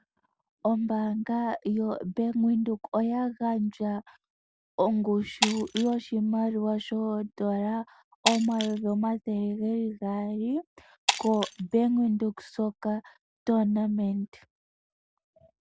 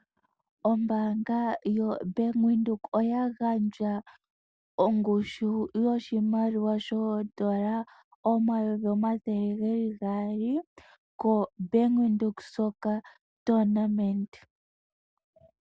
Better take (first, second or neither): second